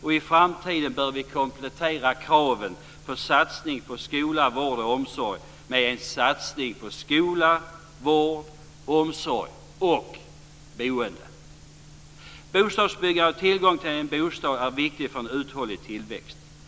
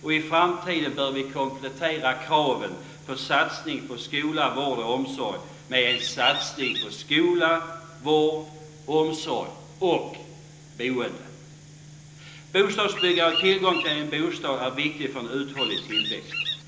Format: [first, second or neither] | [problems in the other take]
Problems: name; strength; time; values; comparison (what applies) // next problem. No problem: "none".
first | background sound (Bird vocalization, bird call, bird song); 3 dB below the speech // room echo; dies away in 0.8 s